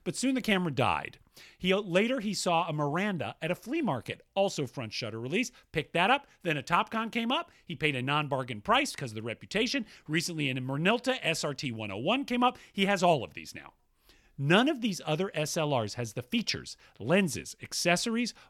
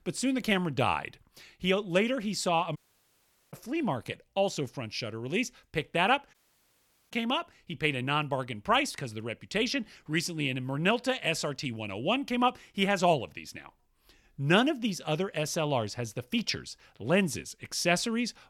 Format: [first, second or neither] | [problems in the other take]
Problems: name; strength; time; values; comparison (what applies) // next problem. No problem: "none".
first | audio cutting out; at 3 s for 1 s and at 6.5 s for 1 s